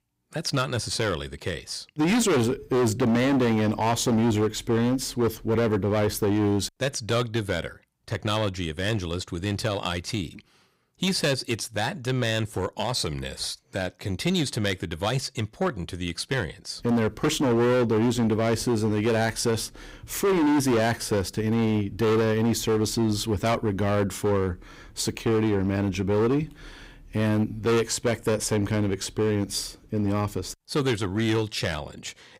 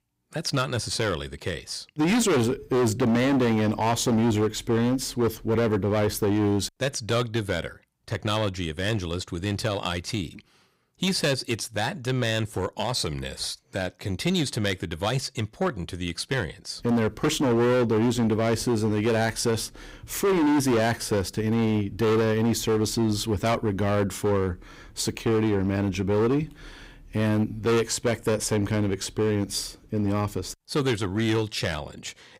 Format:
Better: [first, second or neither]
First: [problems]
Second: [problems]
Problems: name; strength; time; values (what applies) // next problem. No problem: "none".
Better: neither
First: distortion; heavy; 13% of the sound clipped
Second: distortion; heavy; 13% of the sound clipped